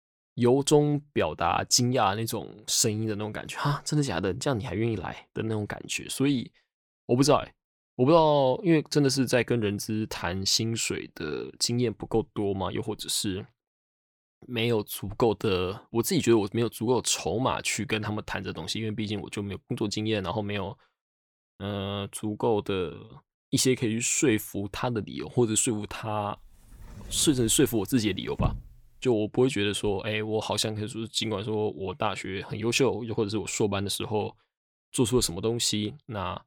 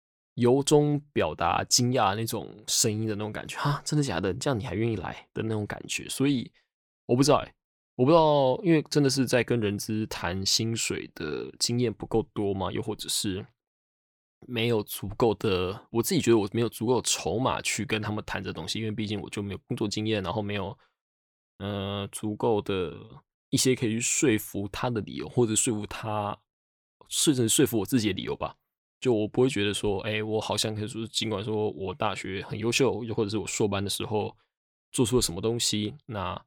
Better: second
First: door banging; noticeable; from 27 to 29 s; peak 5 dB below the speech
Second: none

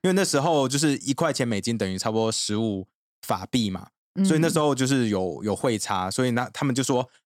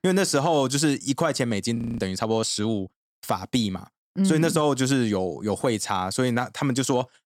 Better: first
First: none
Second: audio freezing; at 2 s

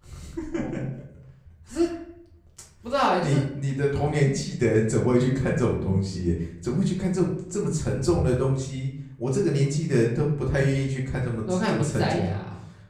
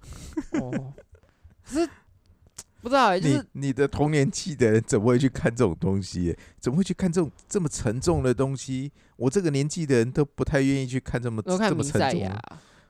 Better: second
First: off-mic speech; far // room echo; slight; dies away in 0.6 s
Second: none

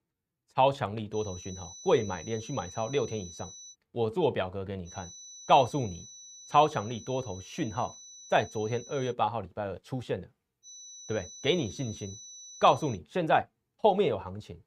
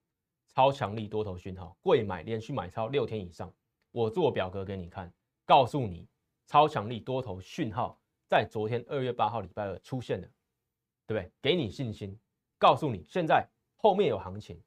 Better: second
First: high-pitched whine; noticeable; from 1 to 3.5 s, from 5 to 9 s and from 11 to 13 s; 6 kHz, 15 dB below the speech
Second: none

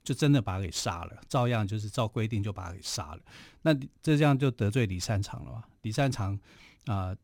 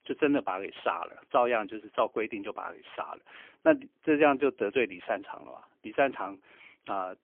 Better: first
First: none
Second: phone-call audio; poor line

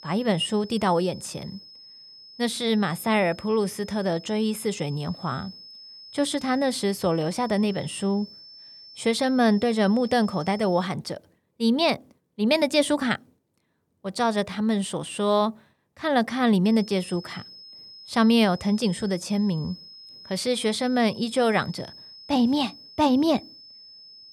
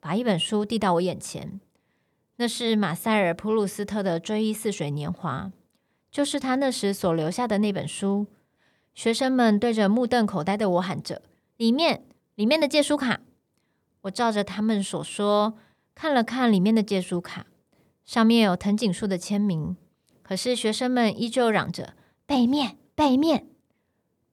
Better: second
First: high-pitched whine; noticeable; until 11 s and from 17 s on; 5 kHz, 20 dB below the speech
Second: none

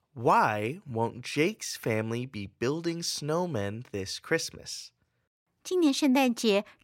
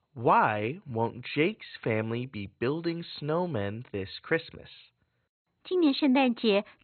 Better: first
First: none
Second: garbled, watery; badly; nothing above 4 kHz

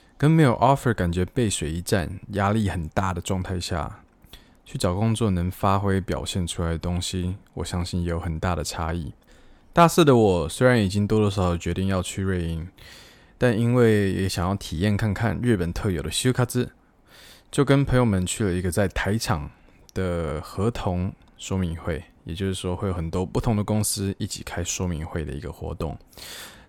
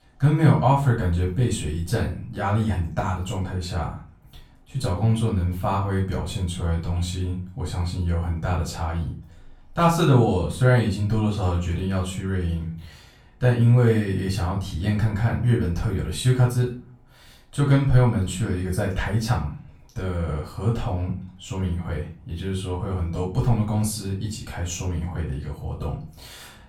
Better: first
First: none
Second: off-mic speech; far // room echo; slight; dies away in 0.4 s

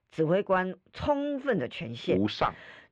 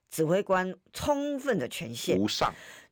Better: second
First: muffled; slightly; fading above 3.5 kHz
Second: none

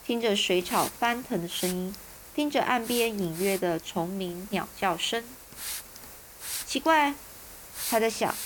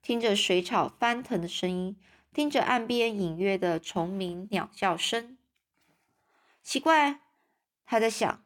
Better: second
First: hiss; loud; throughout; 10 dB below the speech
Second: none

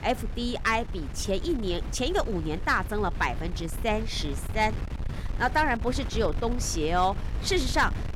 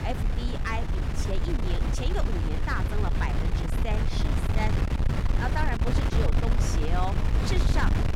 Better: first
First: wind noise on the microphone; occasional gusts; 15 dB below the speech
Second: wind noise on the microphone; heavy; 1 dB below the speech

